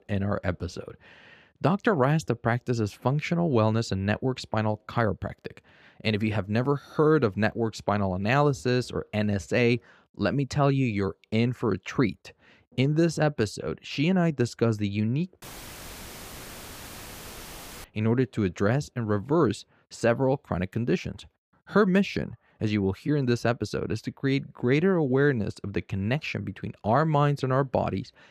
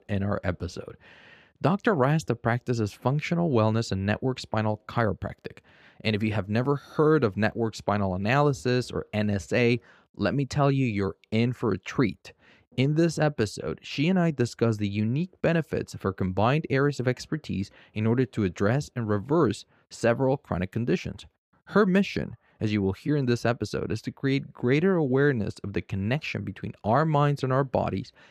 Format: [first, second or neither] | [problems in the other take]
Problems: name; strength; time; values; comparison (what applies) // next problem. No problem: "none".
second | audio cutting out; filled with static; at 15 s for 2.5 s